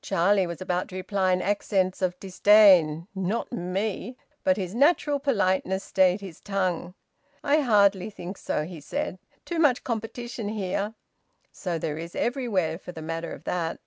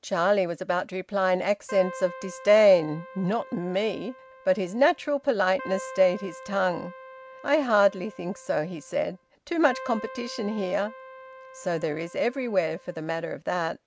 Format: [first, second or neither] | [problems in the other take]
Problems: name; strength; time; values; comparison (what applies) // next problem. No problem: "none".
first | background sound (Keyboard (musical)); 17 dB below the speech